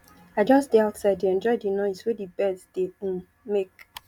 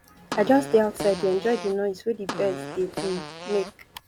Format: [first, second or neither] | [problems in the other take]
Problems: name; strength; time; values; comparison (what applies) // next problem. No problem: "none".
first | background sound (Fart); 11 dB below the speech